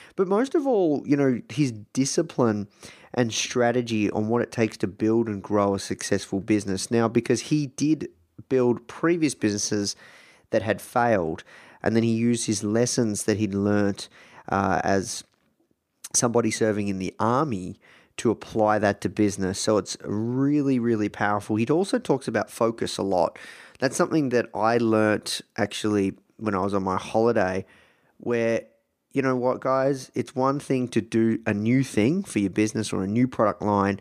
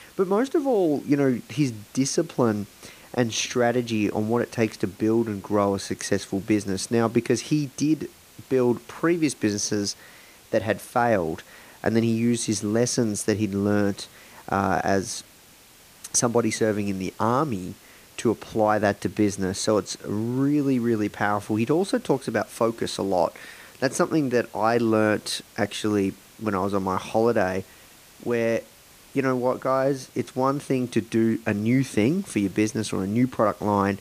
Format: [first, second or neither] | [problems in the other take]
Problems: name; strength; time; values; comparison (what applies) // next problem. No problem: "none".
first | hiss; faint; throughout; 25 dB below the speech